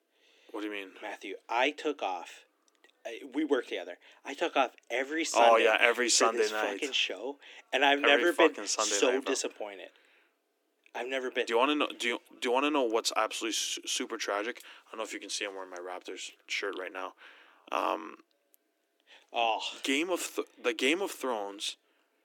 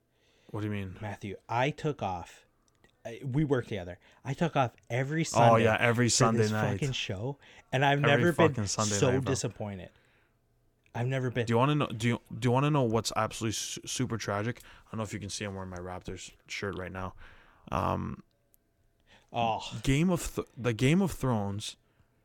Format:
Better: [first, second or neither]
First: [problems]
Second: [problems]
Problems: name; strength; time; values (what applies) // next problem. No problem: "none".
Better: second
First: thin; somewhat; fading below 300 Hz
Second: none